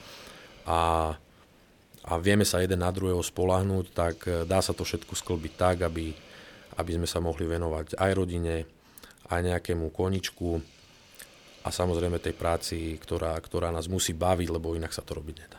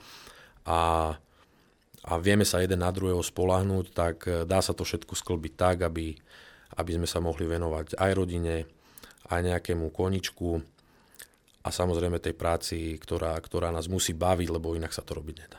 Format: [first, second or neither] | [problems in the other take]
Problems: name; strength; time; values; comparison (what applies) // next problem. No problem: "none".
second | hiss; faint; throughout; 25 dB below the speech